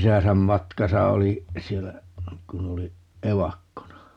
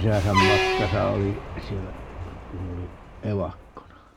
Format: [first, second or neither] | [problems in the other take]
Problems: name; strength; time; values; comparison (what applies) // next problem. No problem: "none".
first | background sound (Truck); 2 dB below the speech